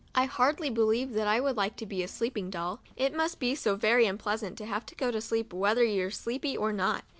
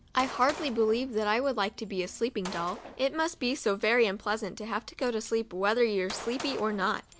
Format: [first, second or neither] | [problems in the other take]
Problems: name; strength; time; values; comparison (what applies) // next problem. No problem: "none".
first | background sound (Gunshot, gunfire); 17 dB below the speech